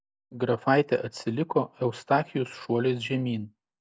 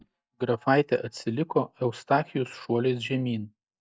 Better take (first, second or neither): first